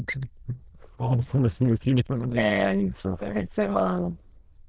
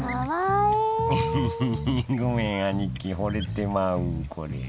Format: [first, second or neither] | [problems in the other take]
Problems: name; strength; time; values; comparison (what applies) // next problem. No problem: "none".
second | noise reduction (neural diffusion model UNIVERSE++)